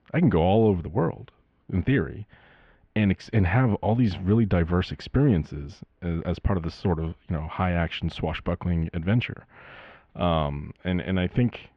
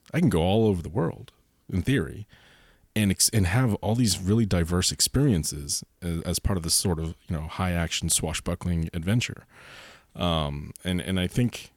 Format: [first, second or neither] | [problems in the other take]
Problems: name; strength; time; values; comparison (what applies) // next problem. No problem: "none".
second | muffled; very; fading above 2.5 kHz